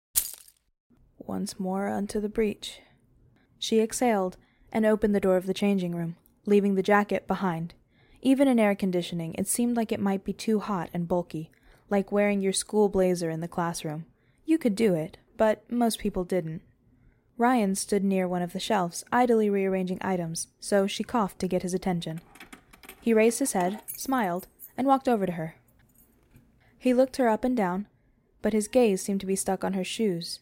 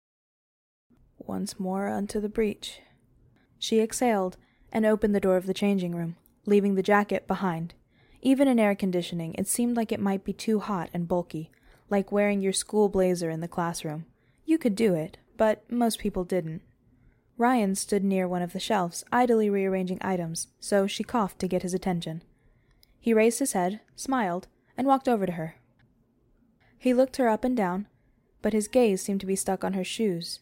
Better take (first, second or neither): second